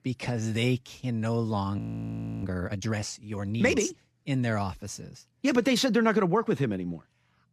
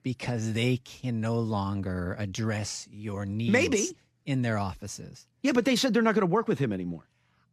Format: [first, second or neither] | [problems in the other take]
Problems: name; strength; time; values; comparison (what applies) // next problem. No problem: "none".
second | audio freezing; at 2 s for 0.5 s